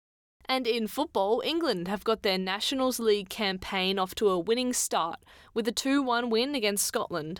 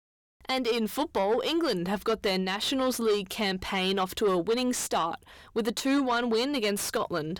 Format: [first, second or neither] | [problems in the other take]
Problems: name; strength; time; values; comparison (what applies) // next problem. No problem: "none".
first | distortion; slight; 10 dB below the speech